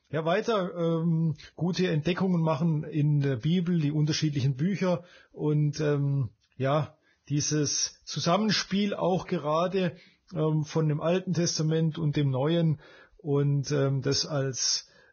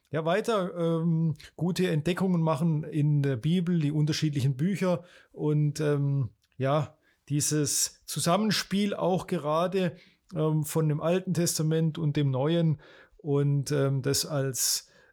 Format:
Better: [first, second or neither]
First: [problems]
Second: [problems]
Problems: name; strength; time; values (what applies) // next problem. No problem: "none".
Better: second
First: garbled, watery; badly; nothing above 6.5 kHz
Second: none